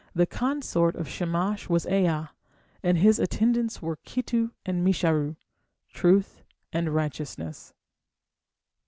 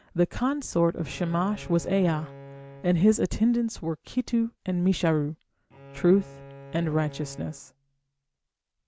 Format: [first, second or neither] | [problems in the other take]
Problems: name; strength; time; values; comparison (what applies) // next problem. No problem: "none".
first | background sound (Bowed string instrument); 19 dB below the speech